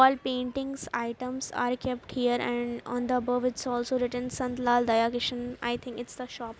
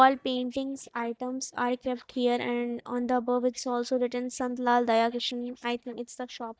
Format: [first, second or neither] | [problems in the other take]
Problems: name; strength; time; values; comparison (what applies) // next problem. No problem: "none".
first | noise reduction (neural mask model DeepFilterNet 3)